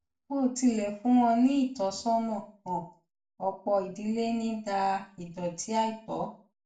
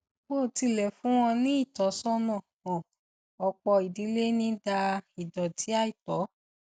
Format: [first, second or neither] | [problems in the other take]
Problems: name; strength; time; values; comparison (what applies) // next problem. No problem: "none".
second | room echo; dies away in 0.4 s